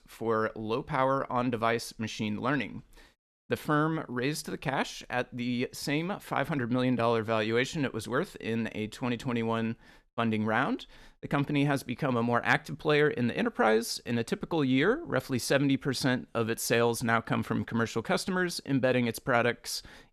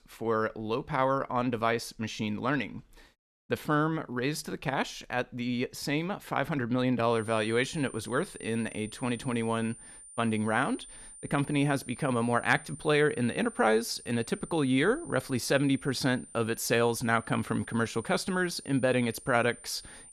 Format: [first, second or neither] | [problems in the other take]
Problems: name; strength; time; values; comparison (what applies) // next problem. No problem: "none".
first | high-pitched whine; noticeable; from 7 s on; 9 kHz, 15 dB below the speech